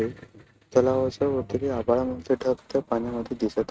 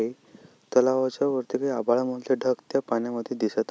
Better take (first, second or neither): second